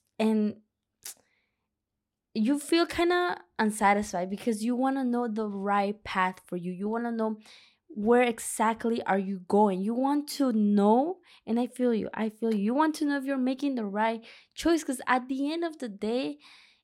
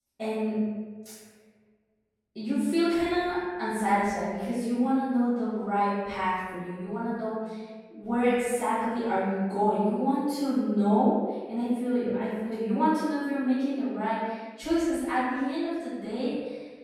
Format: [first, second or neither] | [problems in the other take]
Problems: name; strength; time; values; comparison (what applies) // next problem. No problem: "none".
first | off-mic speech; far // room echo; strong; dies away in 1.3 s